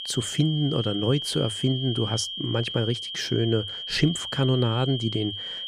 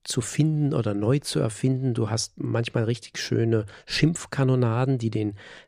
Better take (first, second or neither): second